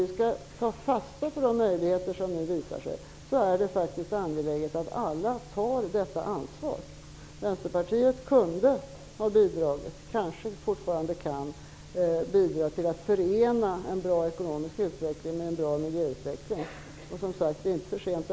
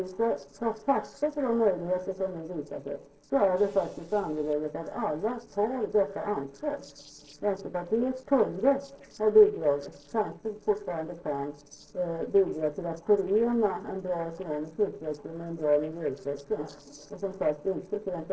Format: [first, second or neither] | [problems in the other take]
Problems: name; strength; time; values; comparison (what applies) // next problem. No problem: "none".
first | noise reduction (neural separator model SepFormer DNS4)